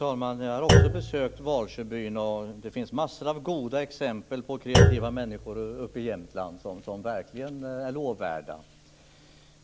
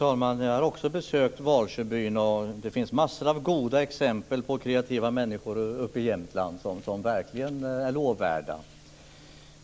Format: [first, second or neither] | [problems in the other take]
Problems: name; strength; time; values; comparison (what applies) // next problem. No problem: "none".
second | background sound (Thump, thud); 4 dB above the speech